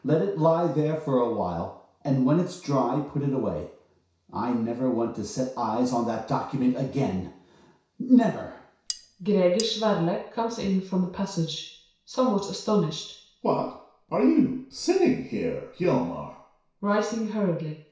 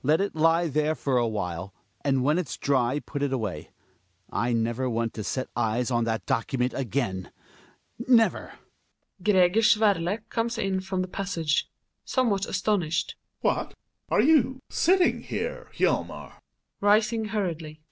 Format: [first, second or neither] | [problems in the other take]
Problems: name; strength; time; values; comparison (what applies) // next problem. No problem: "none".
second | background sound (Cutlery, silverware); 12 dB below the speech // room echo; dies away in 0.6 s